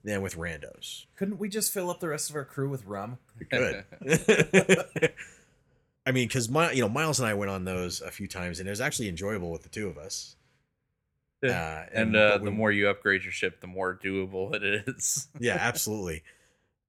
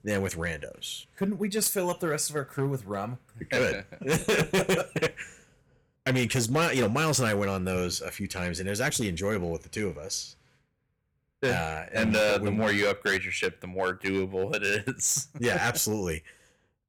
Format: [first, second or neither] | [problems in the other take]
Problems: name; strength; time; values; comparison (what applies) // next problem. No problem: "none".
first | distortion; heavy; 6% of the sound clipped